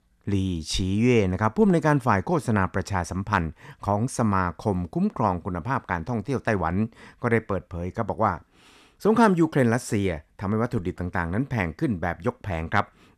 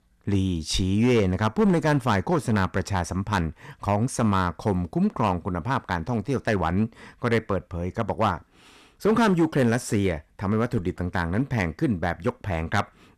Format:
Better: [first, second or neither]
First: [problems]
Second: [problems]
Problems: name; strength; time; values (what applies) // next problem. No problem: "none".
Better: first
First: none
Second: distortion; slight; 4% of the sound clipped